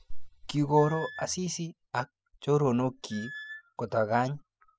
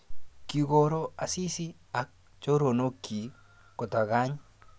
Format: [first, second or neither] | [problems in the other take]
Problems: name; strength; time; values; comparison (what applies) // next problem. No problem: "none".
second | noise reduction (classical method spectral subtraction)